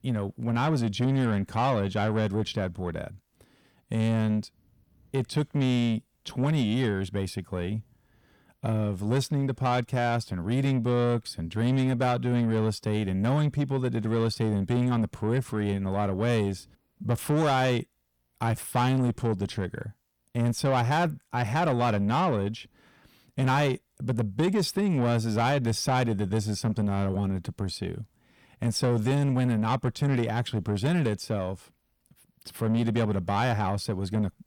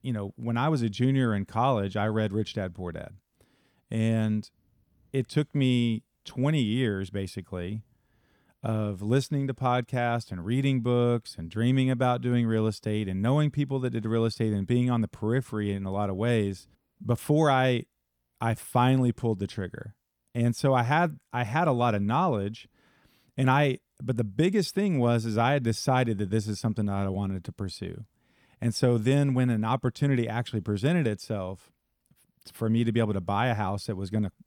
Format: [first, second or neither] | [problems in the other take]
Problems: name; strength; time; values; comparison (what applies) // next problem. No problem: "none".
second | distortion; slight; 10 dB below the speech